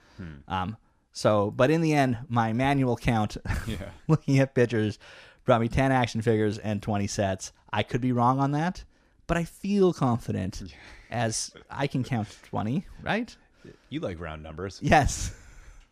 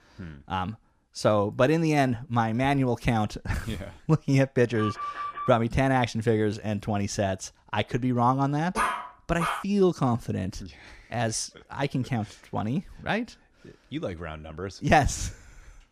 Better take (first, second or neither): first